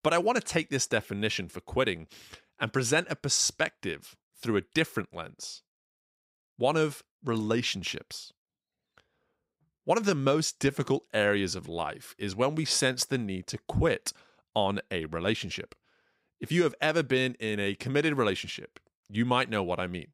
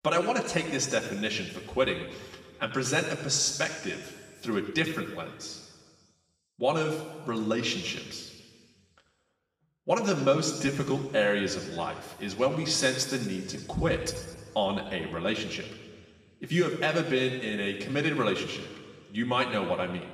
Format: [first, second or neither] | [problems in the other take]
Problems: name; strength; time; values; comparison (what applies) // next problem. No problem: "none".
first | room echo; noticeable; dies away in 1.6 s // off-mic speech; far